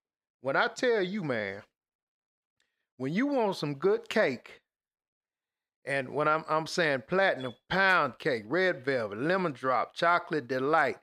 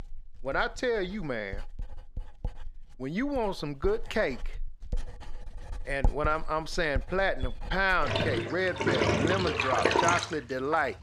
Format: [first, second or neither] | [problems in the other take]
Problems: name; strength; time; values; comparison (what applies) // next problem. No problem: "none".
first | household noises; loud; throughout; 1 dB below the speech